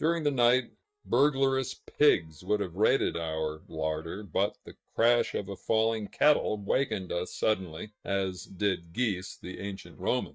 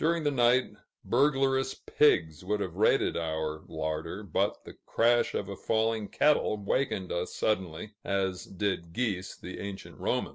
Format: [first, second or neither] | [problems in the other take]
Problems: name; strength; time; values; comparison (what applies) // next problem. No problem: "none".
second | noise reduction (neural mask model DeepFilterNet 3)